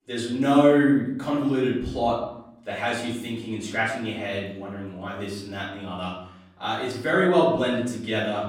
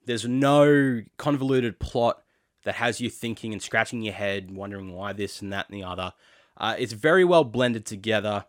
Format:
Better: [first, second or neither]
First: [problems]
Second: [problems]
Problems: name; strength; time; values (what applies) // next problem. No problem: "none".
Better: second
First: room echo; noticeable; dies away in 0.7 s // off-mic speech; far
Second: none